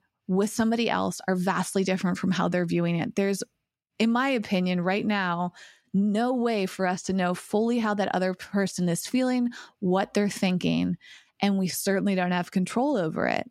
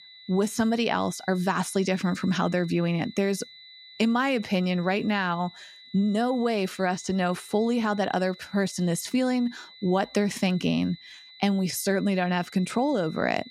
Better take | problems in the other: first | high-pitched whine; noticeable; throughout; 4 kHz, 20 dB below the speech

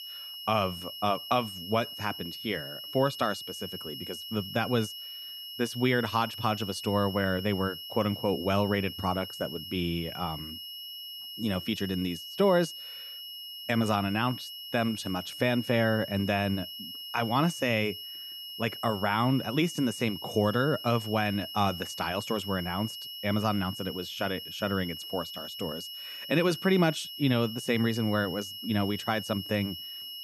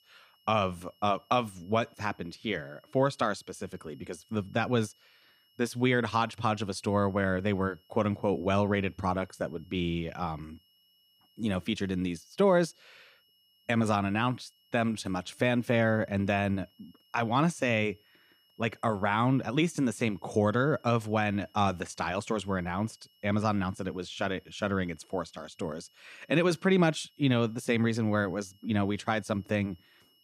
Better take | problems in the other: second | high-pitched whine; loud; throughout; 3 kHz, 9 dB below the speech; faint in the second

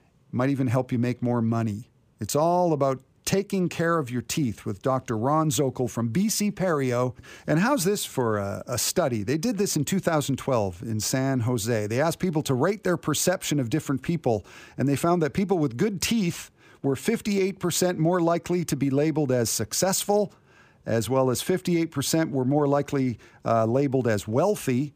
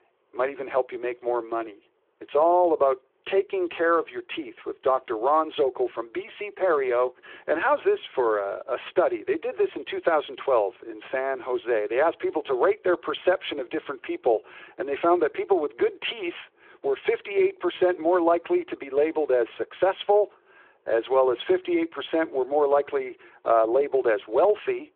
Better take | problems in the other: first | phone-call audio; nothing above 3.5 kHz

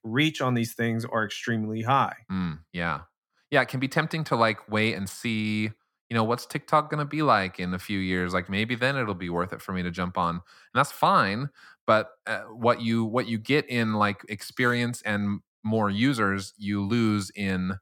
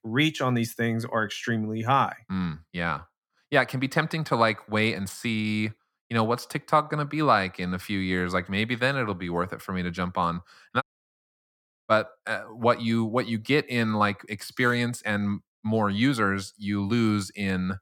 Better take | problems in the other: first | audio cutting out; at 11 s for 1 s

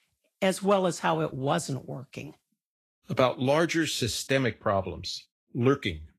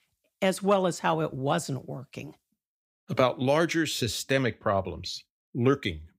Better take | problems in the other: second | garbled, watery; slightly; nothing above 13 kHz

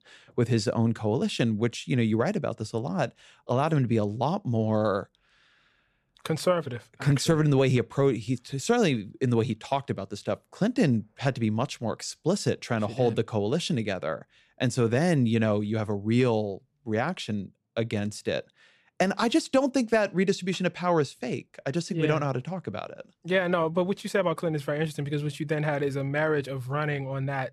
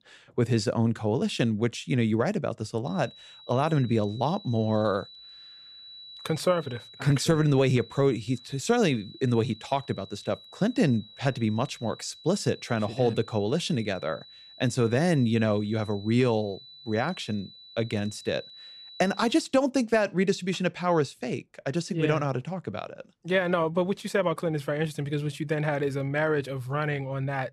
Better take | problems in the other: first | high-pitched whine; noticeable; from 3 to 19 s; 4 kHz, 20 dB below the speech

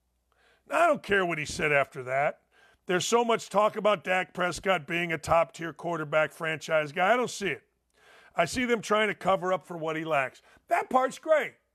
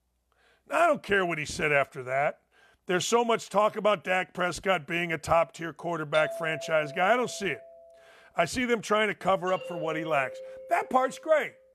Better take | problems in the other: first | doorbell; noticeable; from 6 to 8 s; peak 8 dB below the speech // doorbell; faint; from 9.5 s on; peak 10 dB below the speech

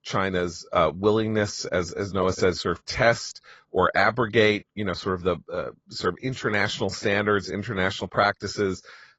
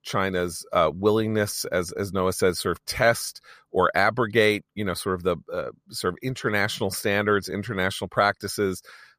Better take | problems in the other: second | garbled, watery; badly; nothing above 7.5 kHz

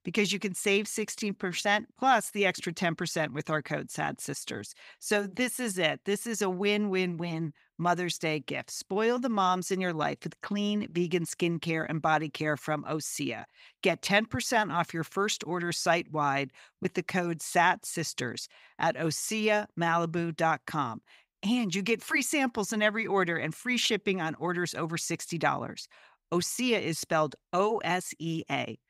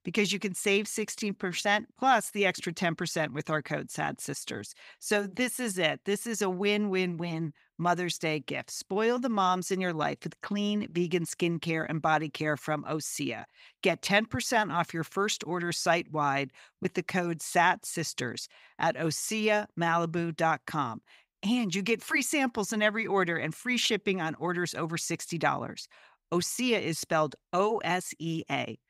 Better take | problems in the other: neither | none

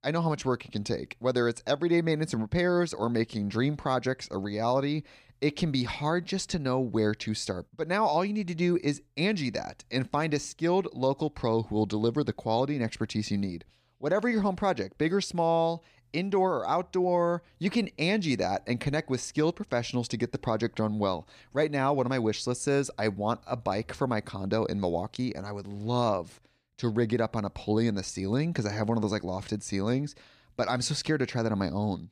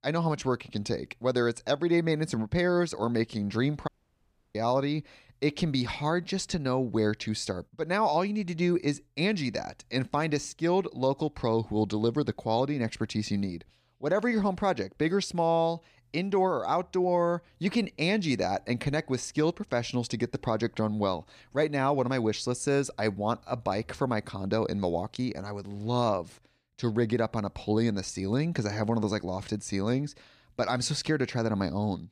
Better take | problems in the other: first | audio cutting out; at 4 s for 0.5 s

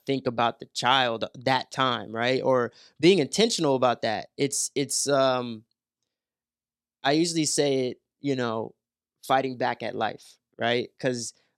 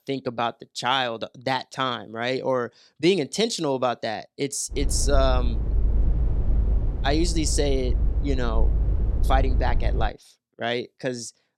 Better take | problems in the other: first | low rumble; noticeable; from 4.5 to 10 s; 15 dB below the speech

